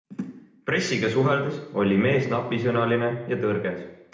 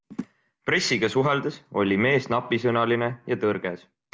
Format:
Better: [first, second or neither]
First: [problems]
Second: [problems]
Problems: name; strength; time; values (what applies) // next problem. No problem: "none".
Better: second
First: room echo; dies away in 0.8 s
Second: none